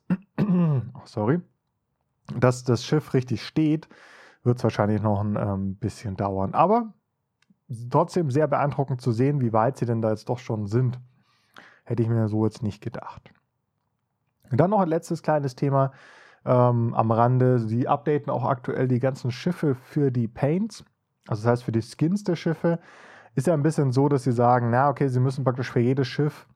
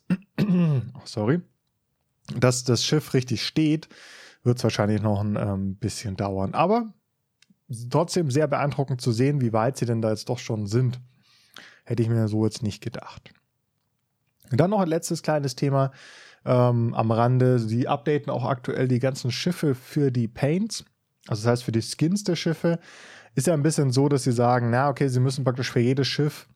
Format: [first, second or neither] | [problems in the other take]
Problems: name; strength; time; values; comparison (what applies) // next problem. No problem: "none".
second | muffled; slightly; fading above 2.5 kHz